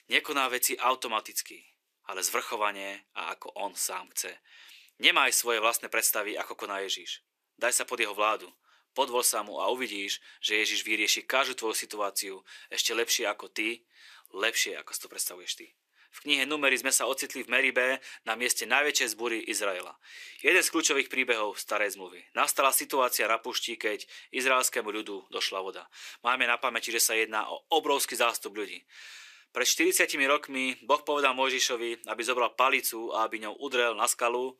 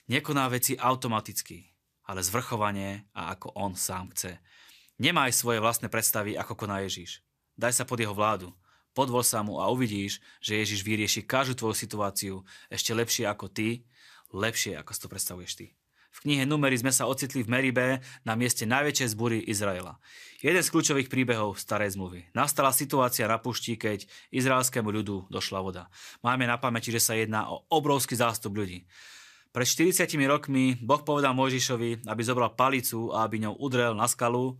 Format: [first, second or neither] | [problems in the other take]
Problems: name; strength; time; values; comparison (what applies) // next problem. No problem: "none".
second | thin; somewhat; fading below 350 Hz